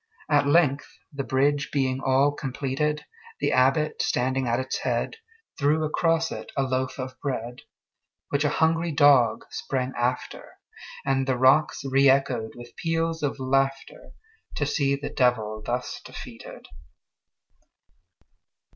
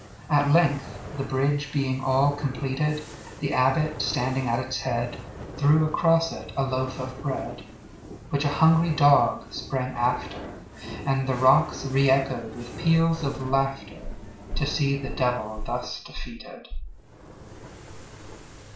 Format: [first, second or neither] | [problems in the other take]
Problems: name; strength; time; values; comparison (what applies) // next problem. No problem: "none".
first | background sound (Fire); 14 dB below the speech // room echo; dies away in 0.4 s